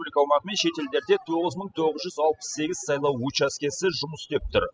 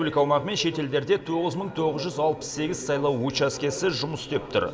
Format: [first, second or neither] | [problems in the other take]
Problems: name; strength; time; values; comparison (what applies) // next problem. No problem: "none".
second | noise reduction (classical method spectral subtraction)